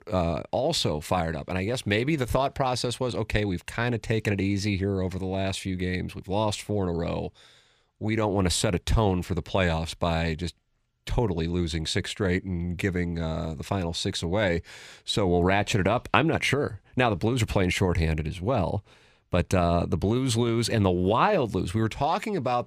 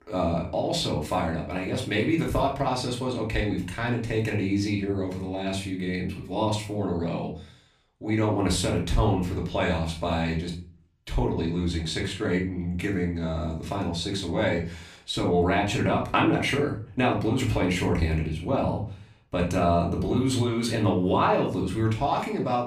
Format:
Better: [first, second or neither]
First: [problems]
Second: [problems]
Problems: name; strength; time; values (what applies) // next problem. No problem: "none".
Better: first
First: none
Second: off-mic speech; far // room echo; slight; dies away in 0.3 s